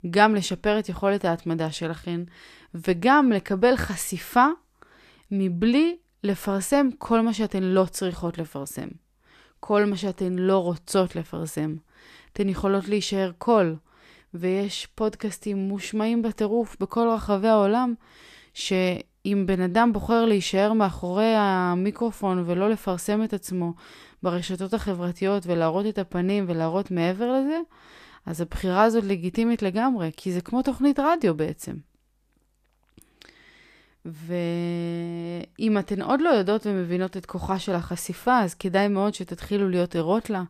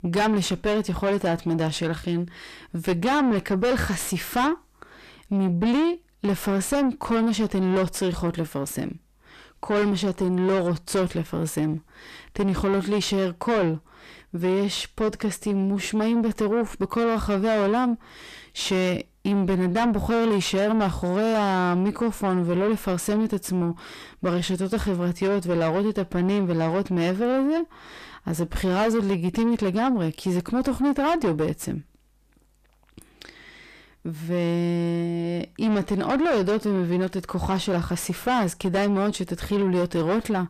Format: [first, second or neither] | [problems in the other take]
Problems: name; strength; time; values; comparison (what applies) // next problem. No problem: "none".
first | distortion; heavy; 7 dB below the speech